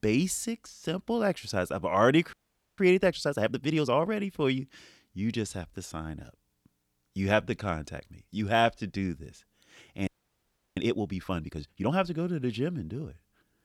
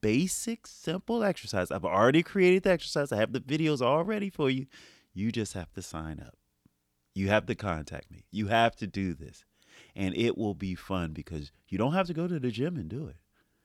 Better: second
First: audio freezing; at 2.5 s and at 10 s for 0.5 s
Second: none

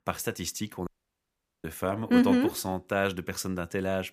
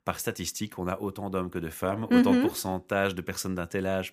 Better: second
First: audio cutting out; at 1 s for 1 s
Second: none

